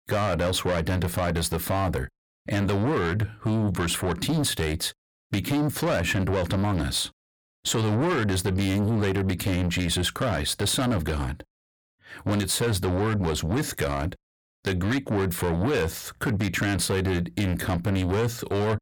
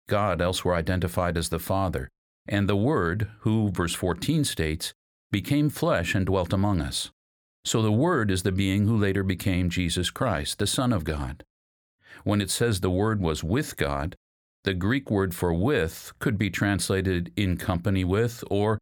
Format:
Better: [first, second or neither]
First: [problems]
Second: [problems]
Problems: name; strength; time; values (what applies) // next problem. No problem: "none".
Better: second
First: distortion; heavy; 7 dB below the speech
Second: none